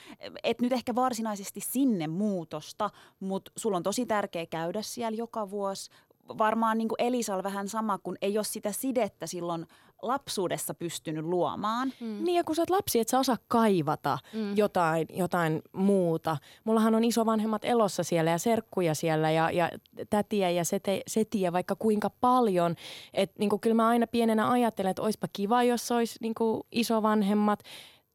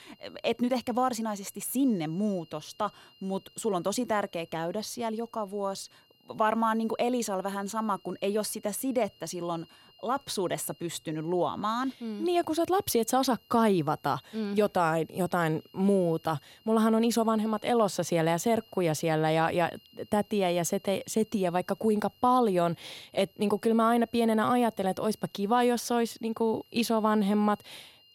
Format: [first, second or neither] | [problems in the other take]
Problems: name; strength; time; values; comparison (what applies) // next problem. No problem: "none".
first | high-pitched whine; faint; throughout; 3 kHz, 30 dB below the speech